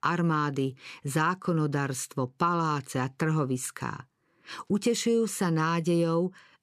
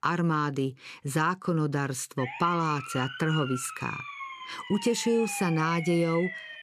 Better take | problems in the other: first | siren; noticeable; from 2 s on; peak 7 dB below the speech

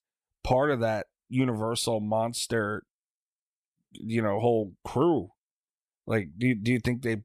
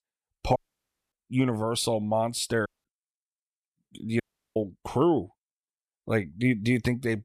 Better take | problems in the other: first | audio cutting out; at 0.5 s for 0.5 s, at 2.5 s and at 4 s

